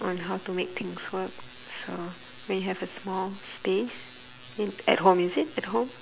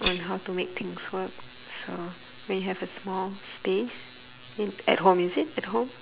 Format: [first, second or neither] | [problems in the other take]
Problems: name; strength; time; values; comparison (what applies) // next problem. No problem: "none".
first | background sound (Tambourine); 3 dB below the speech